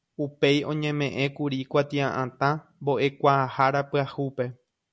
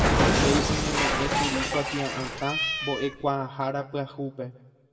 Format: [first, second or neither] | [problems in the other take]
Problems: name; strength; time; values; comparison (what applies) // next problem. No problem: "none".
first | background sound (Cat); 3 dB above the speech // room echo; dies away in 1.1 s